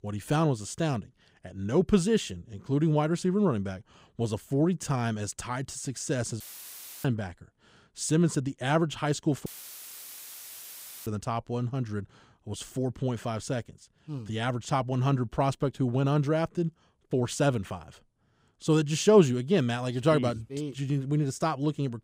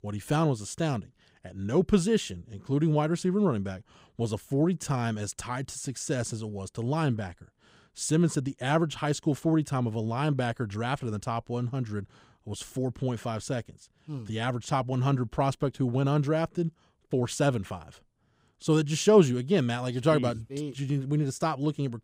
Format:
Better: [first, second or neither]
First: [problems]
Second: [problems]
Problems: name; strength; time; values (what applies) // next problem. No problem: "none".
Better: second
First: audio cutting out; filled with static; at 6.5 s for 0.5 s and at 9.5 s for 1.5 s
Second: none